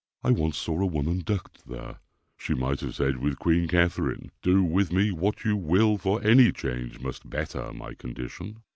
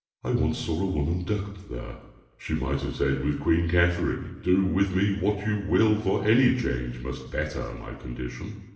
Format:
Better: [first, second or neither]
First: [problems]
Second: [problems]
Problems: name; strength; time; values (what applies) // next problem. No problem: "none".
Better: first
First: none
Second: room echo; dies away in 0.9 s